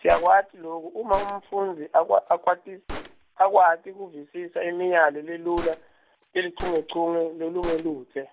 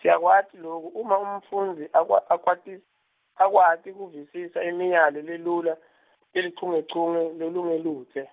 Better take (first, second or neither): second